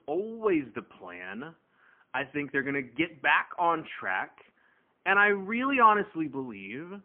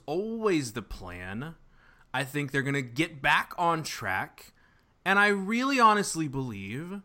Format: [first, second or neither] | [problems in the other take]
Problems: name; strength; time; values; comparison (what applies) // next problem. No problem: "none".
second | phone-call audio; poor line